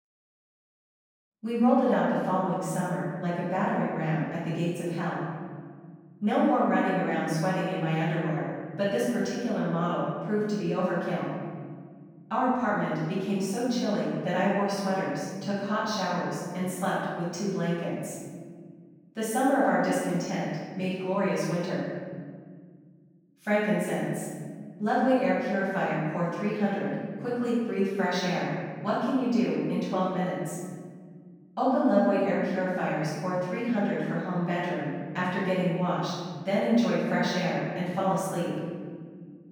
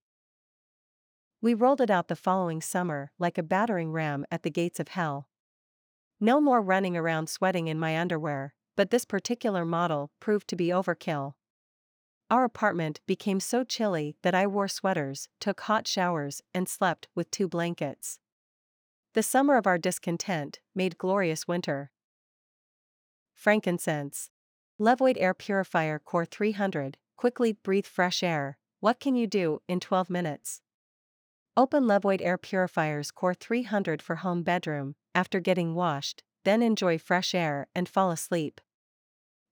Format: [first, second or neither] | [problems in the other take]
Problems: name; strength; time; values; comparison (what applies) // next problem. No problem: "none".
second | off-mic speech; far // room echo; strong; dies away in 1.8 s